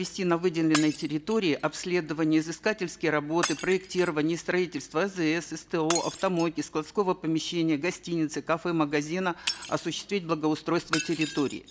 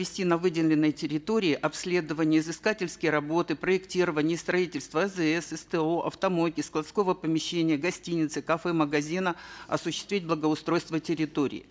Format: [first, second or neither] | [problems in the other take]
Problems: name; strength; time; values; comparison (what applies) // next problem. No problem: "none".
second | background sound (Shatter); 13 dB below the speech